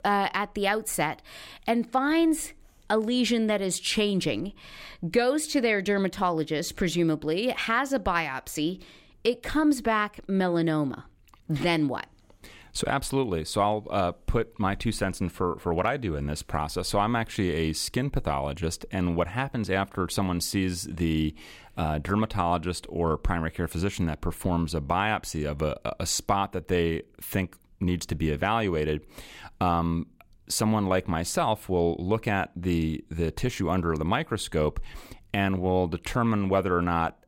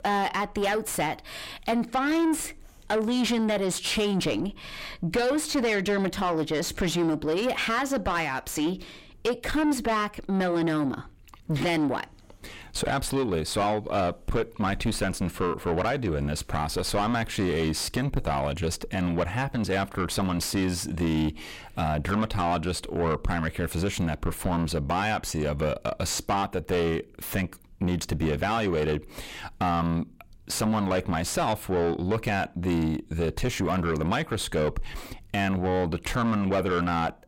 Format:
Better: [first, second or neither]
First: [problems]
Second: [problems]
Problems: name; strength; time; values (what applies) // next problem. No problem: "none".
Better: first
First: none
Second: distortion; heavy; 6 dB below the speech